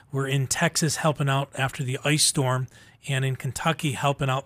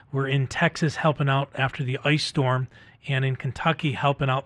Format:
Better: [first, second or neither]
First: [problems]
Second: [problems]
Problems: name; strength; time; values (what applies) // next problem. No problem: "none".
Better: first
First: none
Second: muffled; slightly; fading above 2.5 kHz